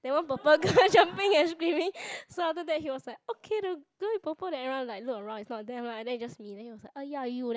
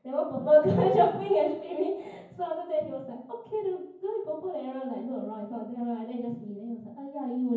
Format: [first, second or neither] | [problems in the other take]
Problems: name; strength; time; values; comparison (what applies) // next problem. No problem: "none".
first | room echo; dies away in 0.9 s